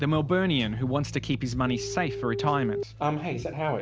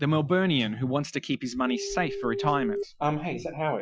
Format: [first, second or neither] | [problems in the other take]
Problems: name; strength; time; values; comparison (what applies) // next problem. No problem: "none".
first | noise reduction (classical method Wiener filter)